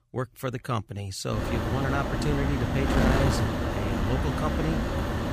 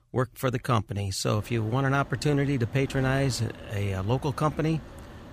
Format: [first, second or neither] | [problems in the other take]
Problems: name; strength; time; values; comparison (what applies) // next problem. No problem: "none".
second | wind noise on the microphone; heavy; from 1.5 s on; 3 dB above the speech; occasional gusts in the second